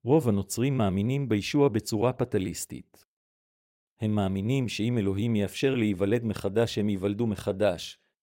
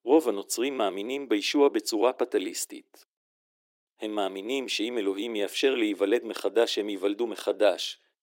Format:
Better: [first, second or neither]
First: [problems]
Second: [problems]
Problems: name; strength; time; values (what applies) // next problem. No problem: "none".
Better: first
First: none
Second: thin; somewhat; fading below 300 Hz